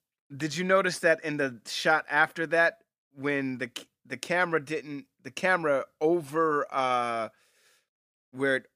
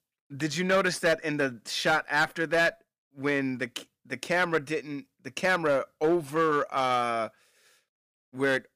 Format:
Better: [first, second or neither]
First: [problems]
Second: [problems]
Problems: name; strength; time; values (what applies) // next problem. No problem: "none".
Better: first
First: none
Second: distortion; slight; 5% of the sound clipped